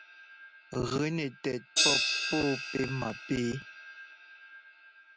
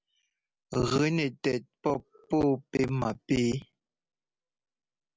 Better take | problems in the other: second | background sound (Crash cymbal); 1 dB below the speech

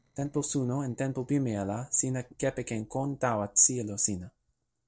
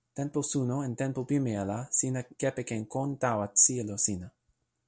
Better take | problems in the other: second | noise reduction (neural separator model SepFormer DNS4)

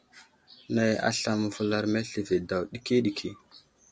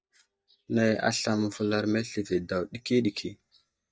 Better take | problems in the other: first | noise reduction (neural mask model DeepFilterNet 3)

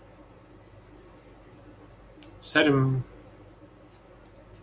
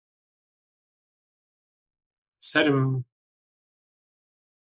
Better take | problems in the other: first | noise reduction (neural mask model Resemble Enhance denoiser)

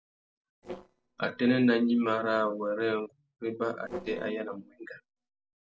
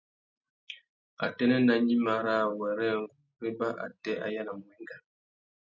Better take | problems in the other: second | noise reduction (neural separator model SepFormer DNS4)

